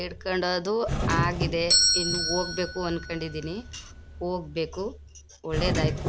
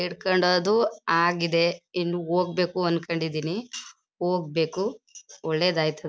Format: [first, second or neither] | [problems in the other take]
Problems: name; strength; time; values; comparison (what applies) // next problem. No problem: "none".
second | background sound (Doorbell); 1 dB above the speech